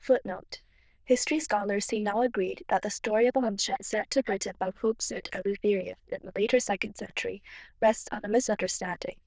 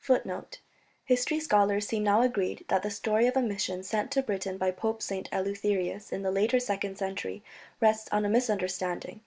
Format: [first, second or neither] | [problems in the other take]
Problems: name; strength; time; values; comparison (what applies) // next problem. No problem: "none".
second | noise reduction (neural diffusion model UNIVERSE++)